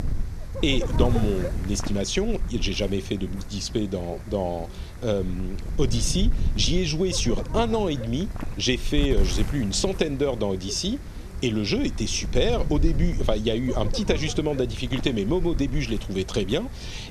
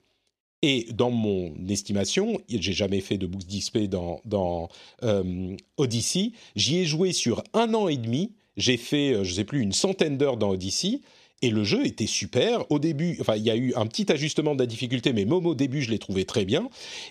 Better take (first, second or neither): second